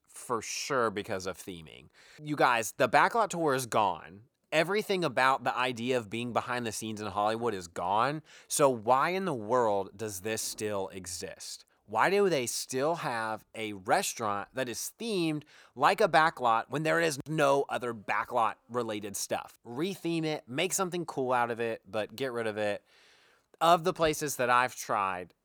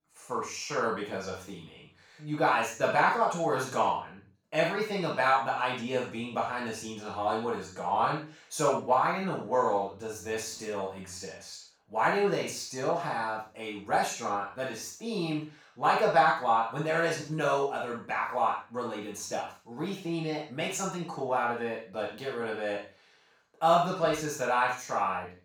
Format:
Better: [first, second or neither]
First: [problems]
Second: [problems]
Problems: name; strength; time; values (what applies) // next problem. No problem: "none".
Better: first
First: none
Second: room echo; noticeable; dies away in 0.4 s // off-mic speech; far